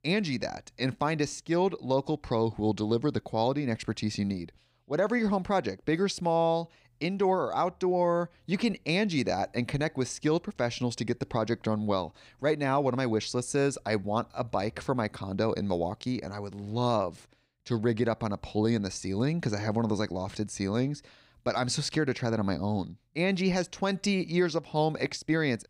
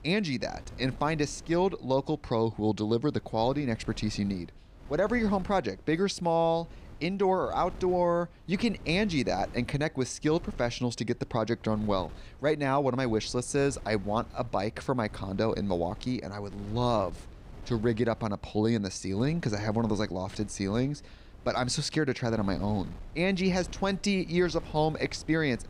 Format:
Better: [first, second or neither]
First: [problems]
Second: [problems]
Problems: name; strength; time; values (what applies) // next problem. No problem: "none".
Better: first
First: none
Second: wind noise on the microphone; occasional gusts; 25 dB below the speech